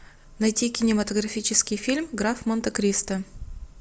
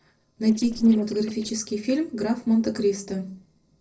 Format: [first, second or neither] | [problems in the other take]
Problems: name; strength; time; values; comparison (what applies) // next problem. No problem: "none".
first | noise reduction (neural separator model SepFormer DNS4)